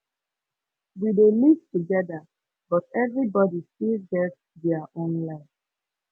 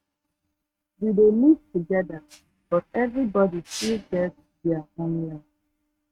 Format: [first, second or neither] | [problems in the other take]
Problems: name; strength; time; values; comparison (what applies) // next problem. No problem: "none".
first | noise reduction (neural mask model RNNoise)